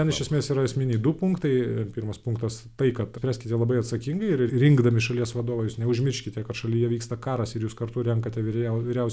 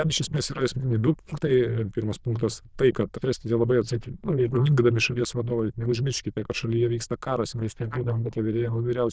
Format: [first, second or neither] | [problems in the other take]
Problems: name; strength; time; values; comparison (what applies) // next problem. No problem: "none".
first | noise reduction (neural diffusion model UNIVERSE++)